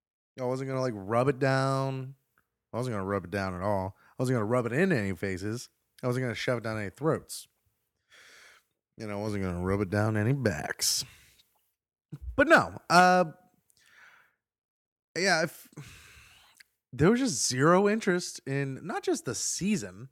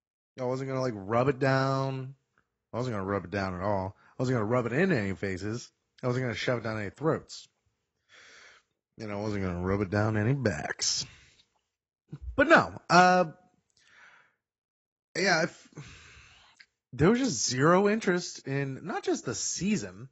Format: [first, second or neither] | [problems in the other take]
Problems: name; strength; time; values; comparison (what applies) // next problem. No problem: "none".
first | garbled, watery; badly; nothing above 7.5 kHz